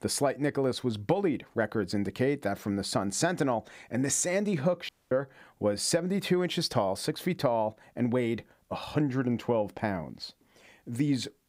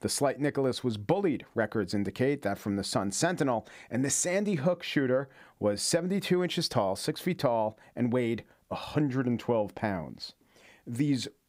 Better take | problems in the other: second | audio cutting out; at 5 s

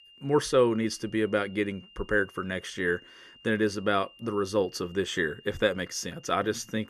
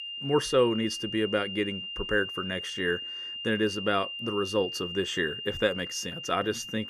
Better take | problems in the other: first | high-pitched whine; loud; throughout; 3 kHz, 6 dB below the speech; faint in the first

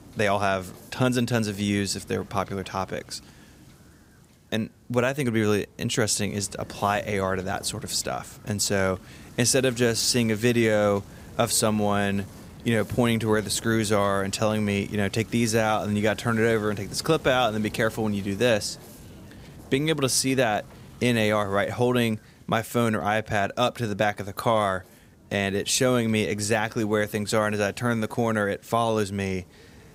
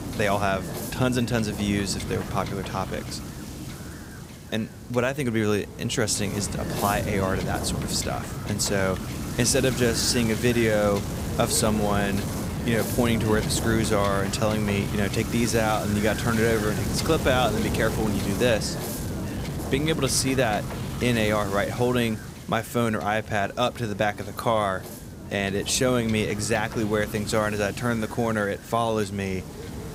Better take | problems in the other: first | wind noise on the microphone; heavy; 10 dB below the speech; occasional gusts in the first

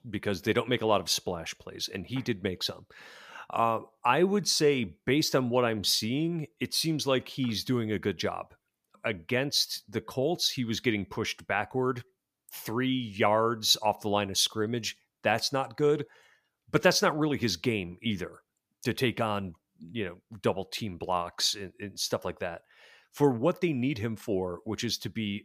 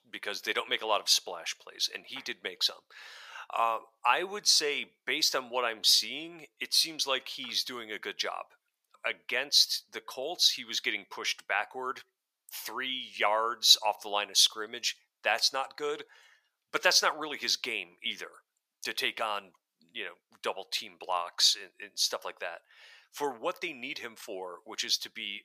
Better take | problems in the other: first | thin; very; fading below 750 Hz

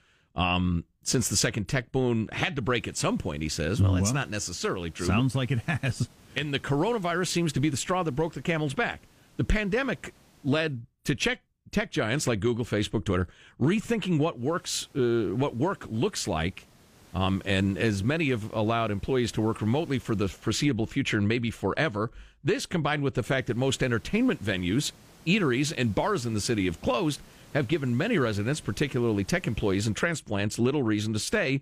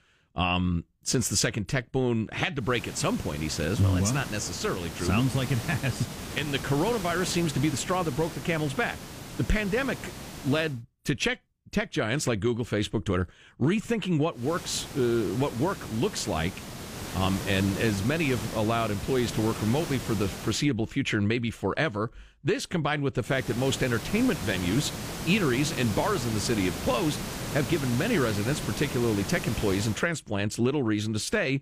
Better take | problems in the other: first | hiss; loud; from 2.5 to 11 s, from 14 to 21 s and from 23 to 30 s; 9 dB below the speech; faint in the first

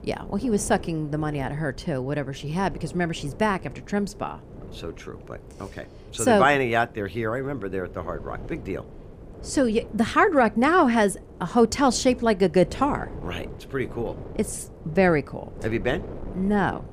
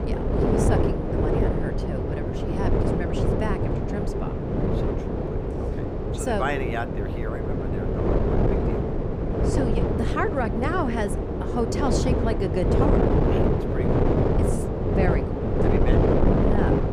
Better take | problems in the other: first | wind noise on the microphone; heavy; 4 dB above the speech; occasional gusts in the first

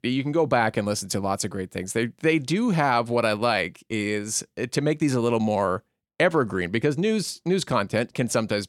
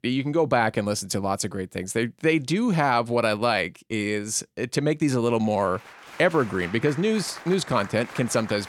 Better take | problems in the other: first | crowd noise; noticeable; from 6 s on; 15 dB below the speech

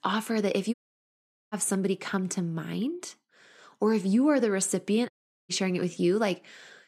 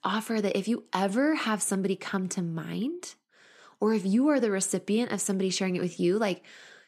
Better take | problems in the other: second | audio cutting out; at 0.5 s for 1 s and at 5 s

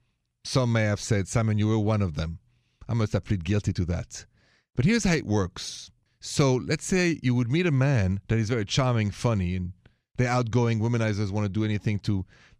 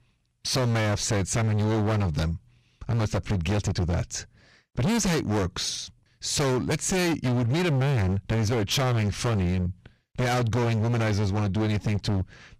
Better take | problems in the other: first | distortion; heavy; 30% of the sound clipped

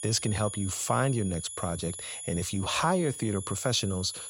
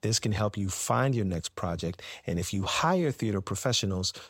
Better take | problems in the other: second | high-pitched whine; loud; throughout; 10.5 kHz, 8 dB below the speech

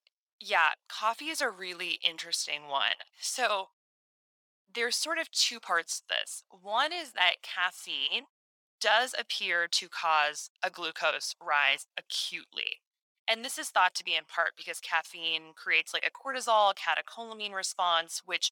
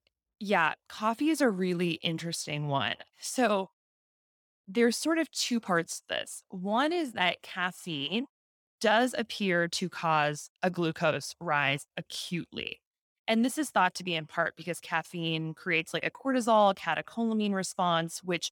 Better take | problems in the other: second | thin; very; fading below 900 Hz

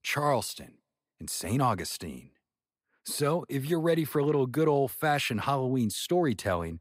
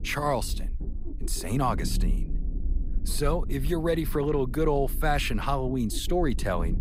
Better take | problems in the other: first | low rumble; noticeable; throughout; 20 dB below the speech

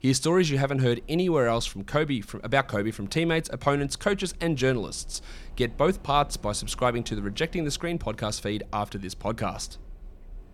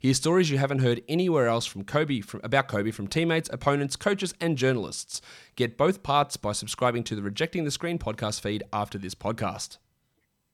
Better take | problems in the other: second | wind in the background; faint; throughout; 20 dB below the speech

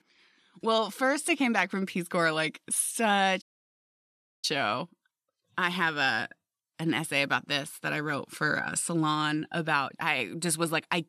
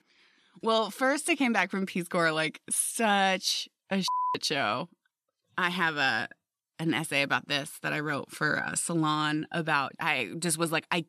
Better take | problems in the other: second | audio cutting out; at 3.5 s for 1 s

